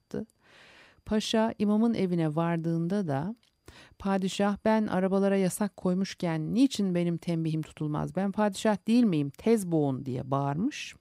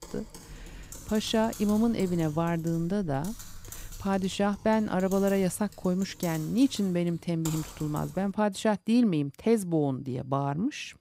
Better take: first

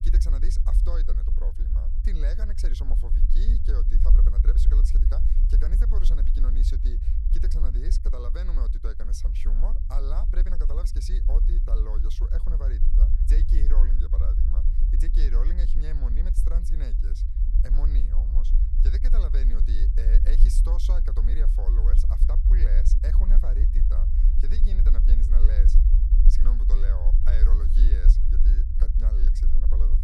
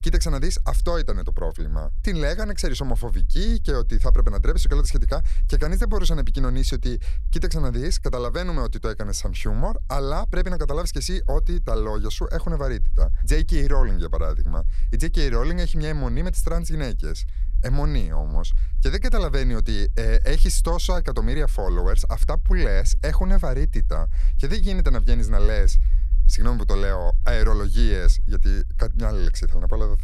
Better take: second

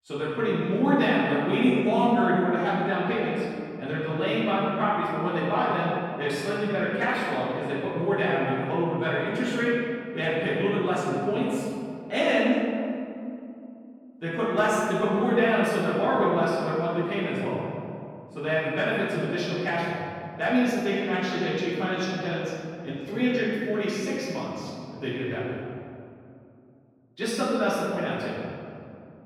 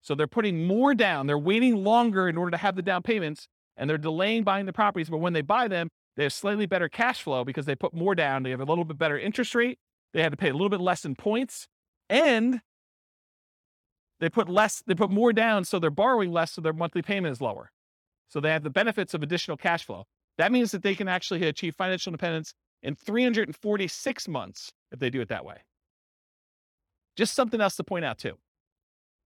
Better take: second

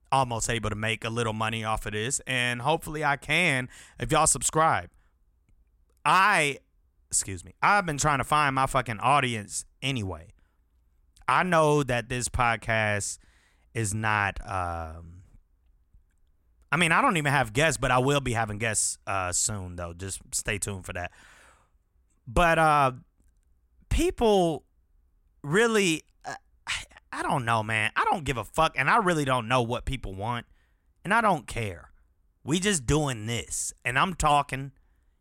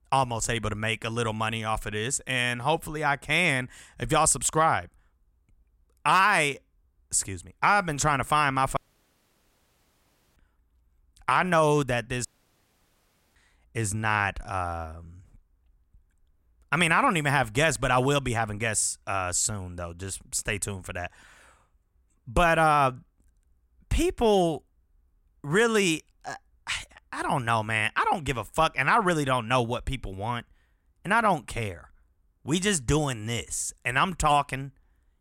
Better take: first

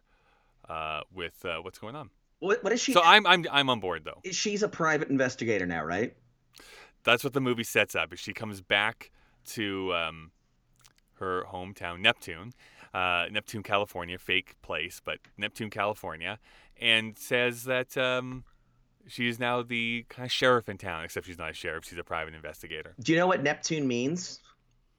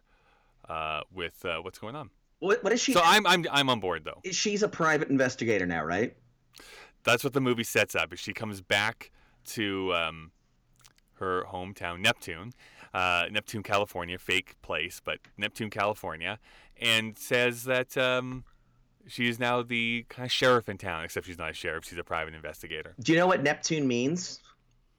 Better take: first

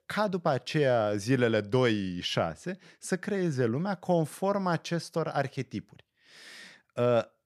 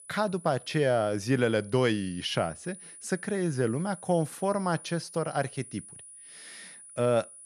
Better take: first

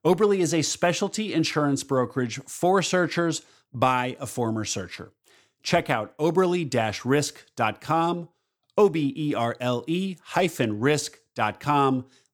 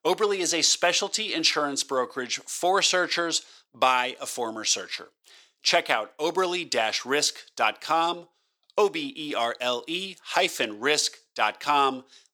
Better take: first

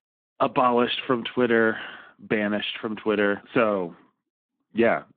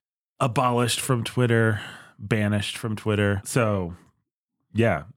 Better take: second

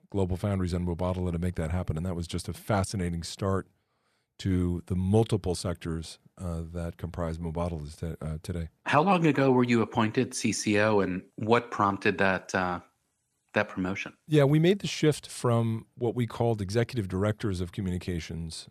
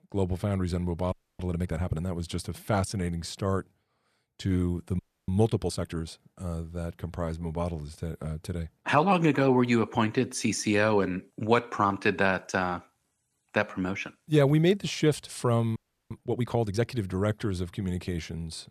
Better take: first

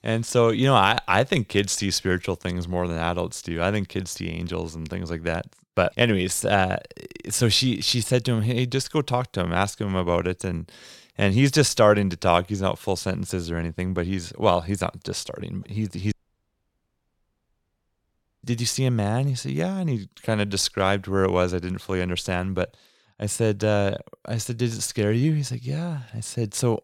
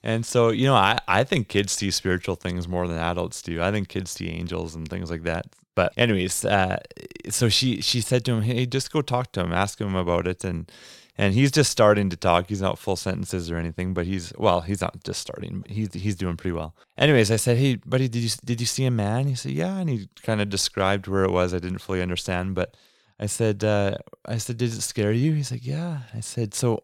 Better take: second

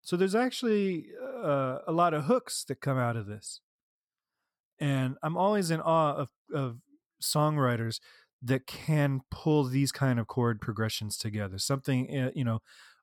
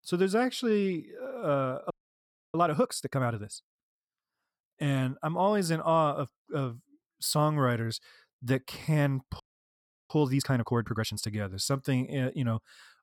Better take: first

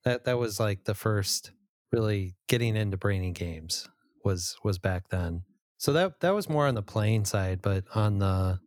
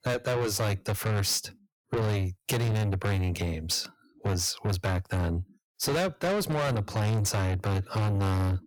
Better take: first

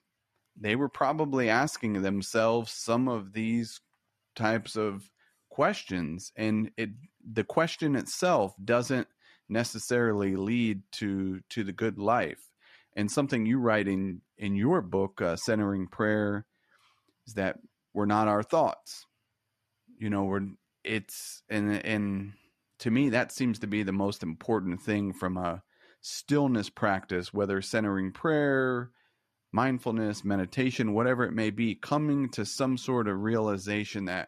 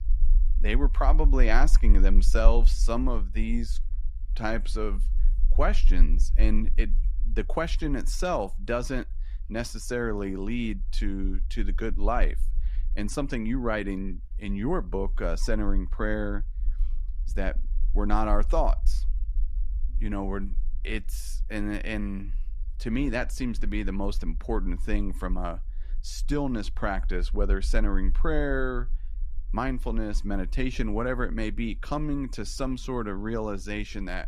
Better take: first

